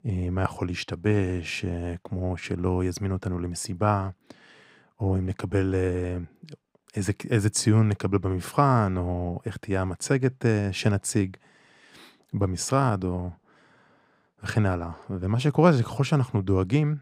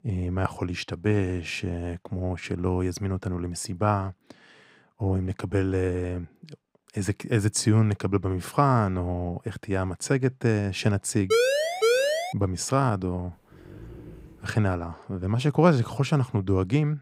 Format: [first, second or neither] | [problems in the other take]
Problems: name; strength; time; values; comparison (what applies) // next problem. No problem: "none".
first | siren; loud; from 11 to 12 s; peak 4 dB above the speech // dog barking; faint; at 14 s; peak 15 dB below the speech